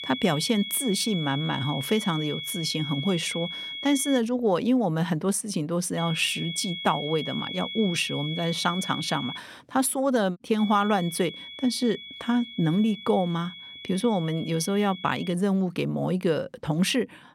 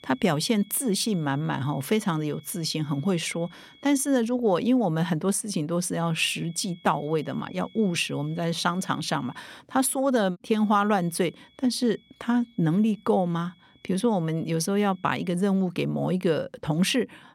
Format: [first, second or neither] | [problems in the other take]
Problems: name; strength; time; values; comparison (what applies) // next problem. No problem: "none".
second | high-pitched whine; loud; until 4 s, from 6 to 9.5 s and from 11 to 15 s; 3.5 kHz, 8 dB below the speech; faint in the second